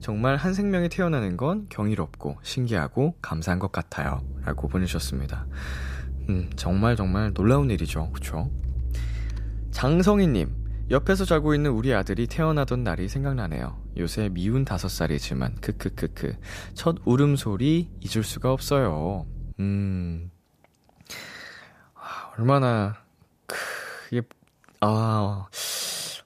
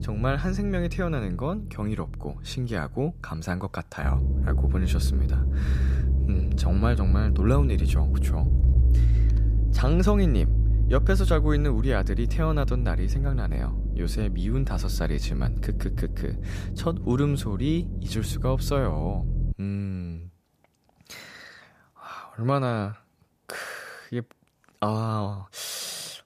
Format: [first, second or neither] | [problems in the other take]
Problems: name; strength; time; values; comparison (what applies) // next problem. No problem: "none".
first | low rumble; loud; until 20 s; 10 dB below the speech; faint in the first